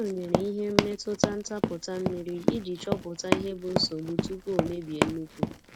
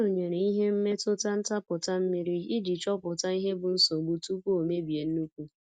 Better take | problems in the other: second | background sound (Run); 2 dB above the speech

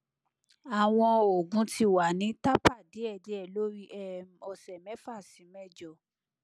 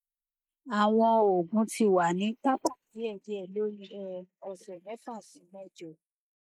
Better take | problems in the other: first | noise reduction (neural mask model Resemble Enhance denoiser)

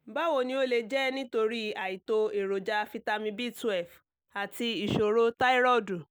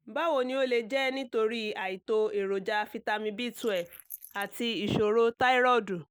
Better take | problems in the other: first | noise reduction (neural mask model Resemble Enhance denoiser)

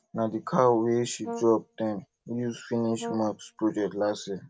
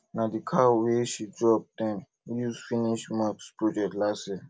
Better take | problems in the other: second | background sound (Brass instrument); 13 dB below the speech

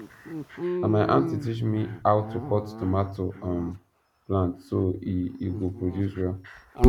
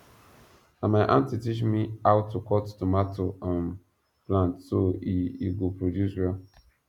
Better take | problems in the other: second | background sound (Dog); 3 dB below the speech

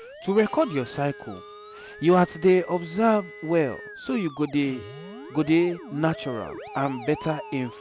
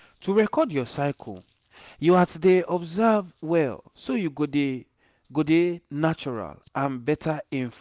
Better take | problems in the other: second | background sound (Bowed string instrument + Musical instrument); 16 dB below the speech

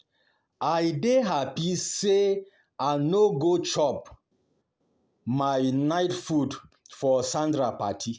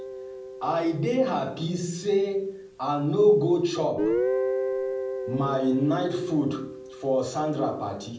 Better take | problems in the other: first | background sound (Guitar); 7 dB below the speech // room echo; dies away in 0.6 s

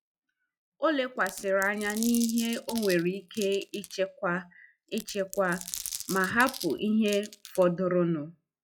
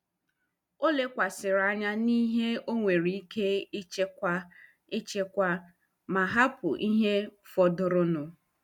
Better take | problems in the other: second | noise reduction (classical method log-MMSE)

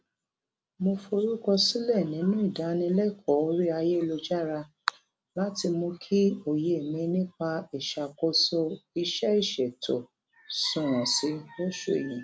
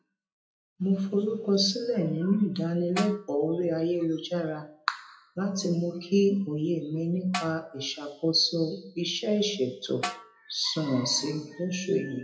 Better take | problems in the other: first | noise reduction (classical method WPE with log-MMSE)

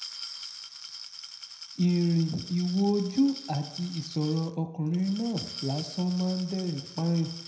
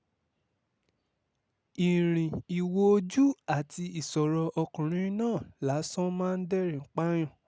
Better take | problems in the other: second | background sound (Glass); 13 dB below the speech // room echo; dies away in 0.7 s

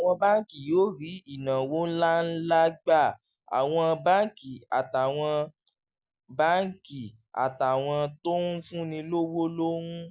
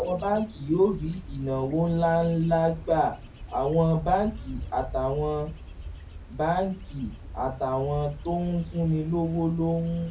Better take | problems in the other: first | background sound (Wind / Bird / Insect); 13 dB below the speech // room echo; dies away in 0.3 s

